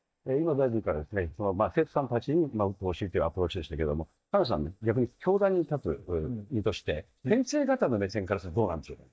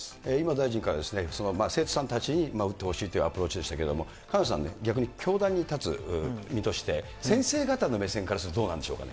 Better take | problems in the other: second | noise reduction (neural mask model DeepFilterNet 3)

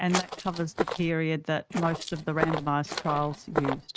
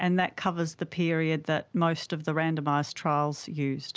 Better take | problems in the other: second | noise reduction (neural mask model RNNoise)

